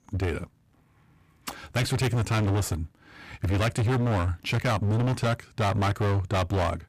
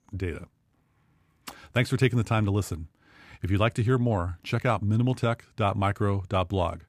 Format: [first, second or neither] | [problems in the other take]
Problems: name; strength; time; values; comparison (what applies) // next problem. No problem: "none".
second | distortion; heavy; 23% of the sound clipped